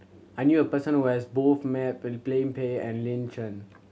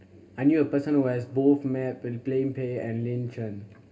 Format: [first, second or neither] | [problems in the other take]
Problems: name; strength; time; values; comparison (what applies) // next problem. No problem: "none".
first | room echo; dies away in 1 s